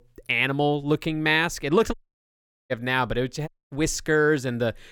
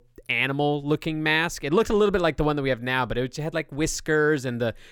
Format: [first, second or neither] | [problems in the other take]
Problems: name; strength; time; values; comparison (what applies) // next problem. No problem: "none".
second | audio cutting out; at 2 s for 1 s and at 3.5 s